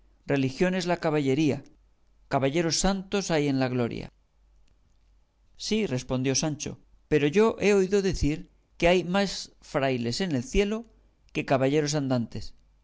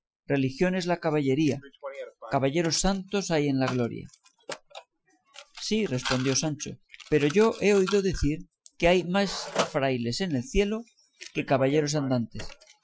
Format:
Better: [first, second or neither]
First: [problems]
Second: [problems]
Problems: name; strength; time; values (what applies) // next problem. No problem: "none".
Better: first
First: none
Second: noise reduction (classical method Wiener filter)